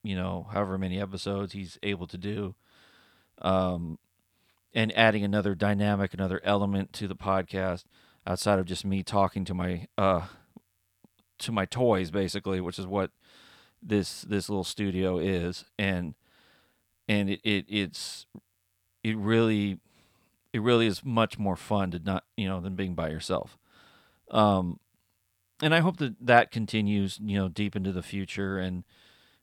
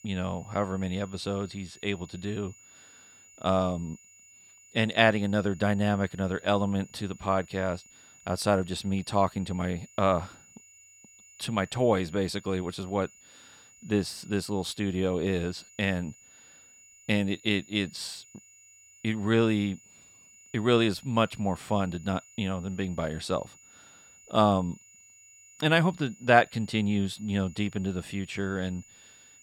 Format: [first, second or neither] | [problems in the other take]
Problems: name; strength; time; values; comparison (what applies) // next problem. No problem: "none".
first | high-pitched whine; faint; throughout; 7 kHz, 25 dB below the speech